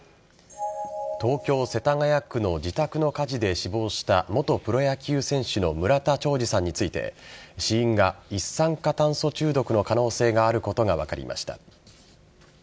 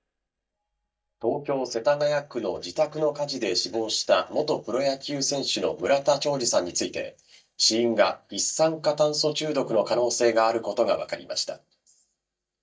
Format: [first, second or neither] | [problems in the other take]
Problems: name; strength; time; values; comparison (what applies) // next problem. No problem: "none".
first | noise reduction (neural mask model DeepFilterNet 3)